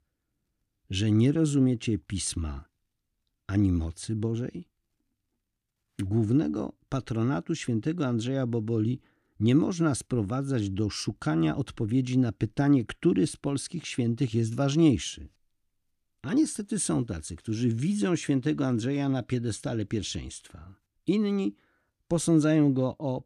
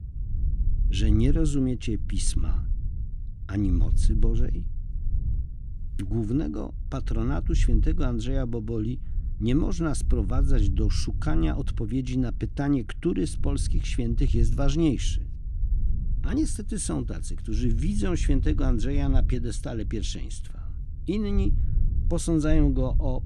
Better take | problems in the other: first | low rumble; noticeable; throughout; 15 dB below the speech

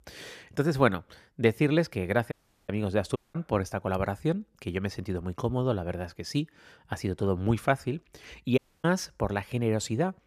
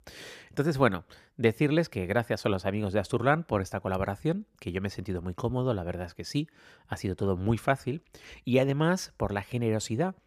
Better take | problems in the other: second | audio cutting out; at 2.5 s, at 3 s and at 8.5 s

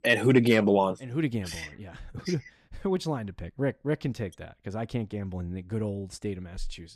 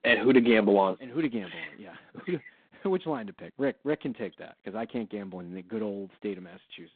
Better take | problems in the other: first | phone-call audio; poor line

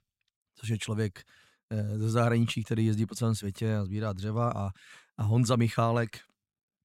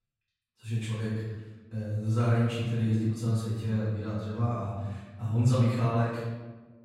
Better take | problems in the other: first | off-mic speech; far // room echo; strong; dies away in 1.2 s

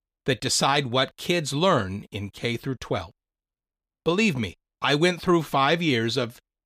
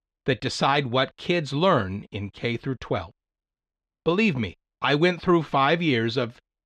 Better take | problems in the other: first | muffled; very slightly; fading above 3.5 kHz

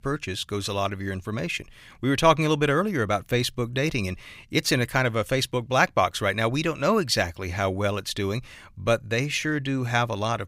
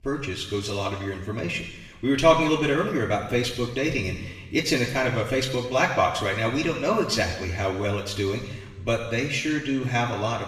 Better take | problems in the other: first | room echo; noticeable; dies away in 1.1 s // off-mic speech; far

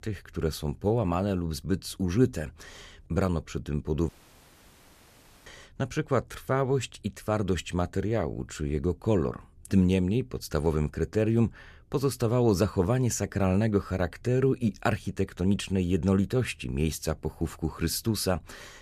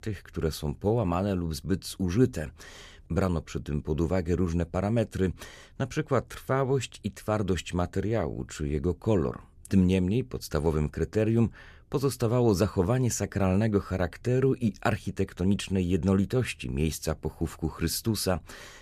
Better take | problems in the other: second | audio cutting out; at 4 s for 1.5 s

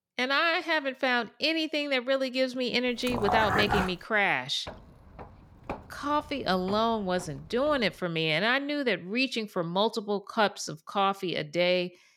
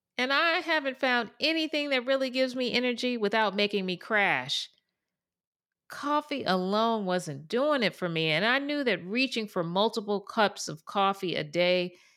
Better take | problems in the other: second | dog barking; loud; at 3 s; peak 1 dB above the speech // footsteps; faint; from 4.5 to 8 s; peak 15 dB below the speech

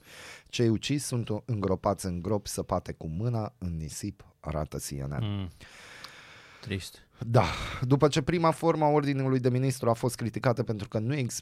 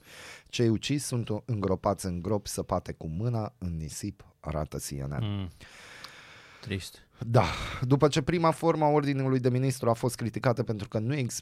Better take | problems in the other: neither | none

